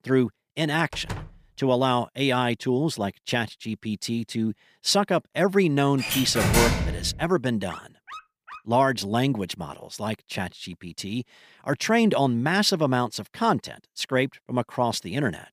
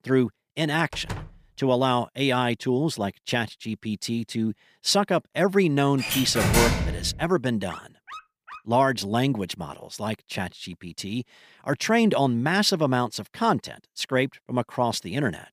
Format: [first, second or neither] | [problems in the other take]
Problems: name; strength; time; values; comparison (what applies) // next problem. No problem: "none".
neither | door banging; faint; at 1 s; peak 10 dB below the speech; the same in both // door banging; loud; from 6 to 7 s; peak 4 dB above the speech; the same in both // dog barking; faint; at 7.5 s; peak 15 dB below the speech; the same in both